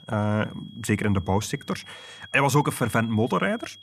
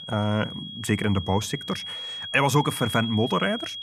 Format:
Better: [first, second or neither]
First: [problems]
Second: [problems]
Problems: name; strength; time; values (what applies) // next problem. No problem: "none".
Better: first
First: high-pitched whine; faint; throughout; 3.5 kHz, 20 dB below the speech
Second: high-pitched whine; loud; throughout; 3.5 kHz, 8 dB below the speech